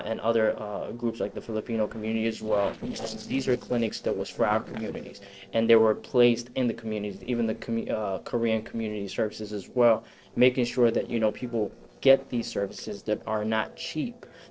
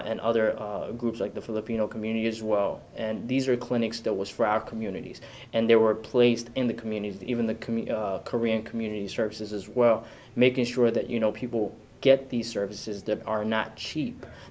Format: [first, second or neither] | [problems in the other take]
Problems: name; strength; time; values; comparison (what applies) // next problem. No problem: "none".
second | noise reduction (neural separator model SepFormer DNS4)